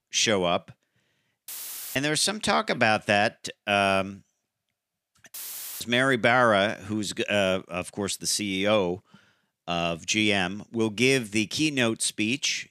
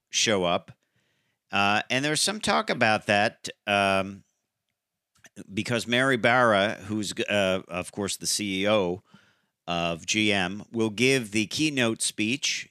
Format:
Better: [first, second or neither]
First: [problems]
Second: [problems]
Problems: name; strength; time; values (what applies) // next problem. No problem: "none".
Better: second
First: audio cutting out; filled with static; at 1.5 s and at 5.5 s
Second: none